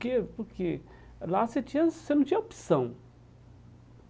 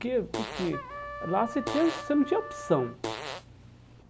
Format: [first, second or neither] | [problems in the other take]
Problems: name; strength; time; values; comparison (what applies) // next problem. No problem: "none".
first | background sound (Fart + Trumpet); 8 dB below the speech